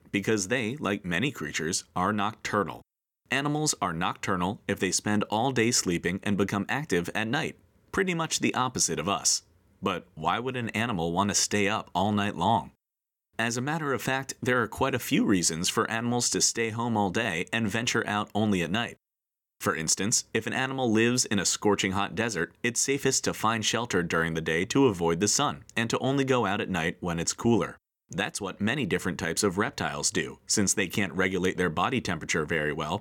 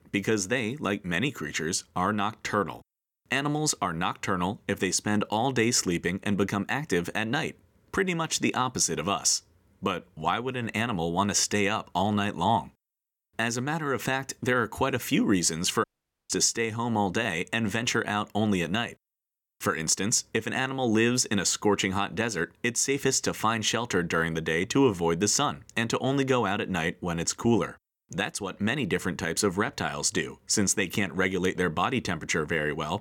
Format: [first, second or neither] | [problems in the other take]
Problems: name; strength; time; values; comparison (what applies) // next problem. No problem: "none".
first | audio cutting out; at 16 s